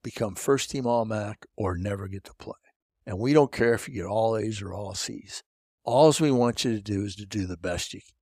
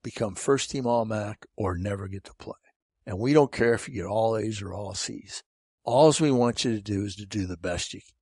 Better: first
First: none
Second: garbled, watery; slightly; nothing above 10.5 kHz

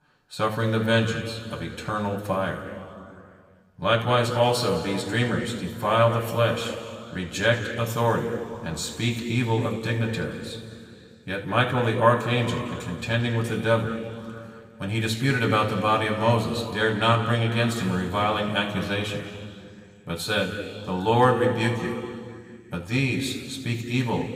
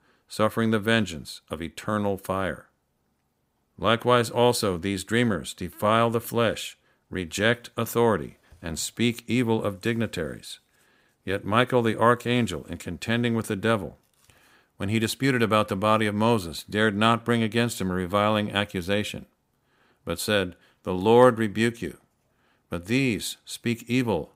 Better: second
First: room echo; noticeable; dies away in 2.4 s // off-mic speech; somewhat distant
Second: none

